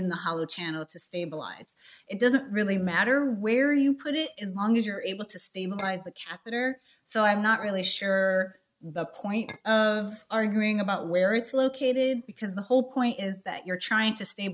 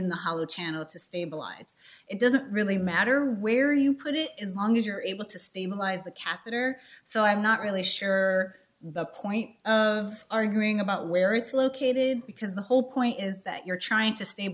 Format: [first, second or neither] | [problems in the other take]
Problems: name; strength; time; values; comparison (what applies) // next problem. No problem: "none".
second | noise reduction (neural mask model RNNoise)